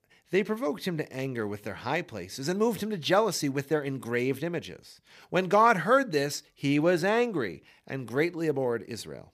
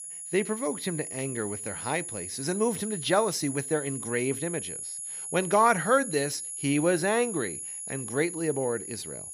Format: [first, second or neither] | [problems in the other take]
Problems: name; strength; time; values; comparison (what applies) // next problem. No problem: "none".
first | high-pitched whine; loud; throughout; 10.5 kHz, 6 dB below the speech